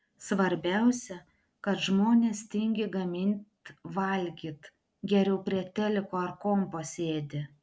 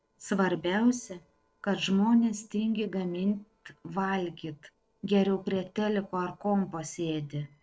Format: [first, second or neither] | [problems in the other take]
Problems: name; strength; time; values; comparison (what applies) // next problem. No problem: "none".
first | noise reduction (neural separator model SepFormer DNS4)